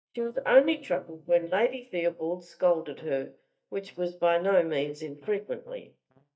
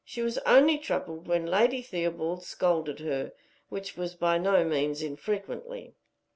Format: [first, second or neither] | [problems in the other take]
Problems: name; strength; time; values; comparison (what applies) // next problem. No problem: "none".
second | noise reduction (neural mask model DeepFilterNet 3)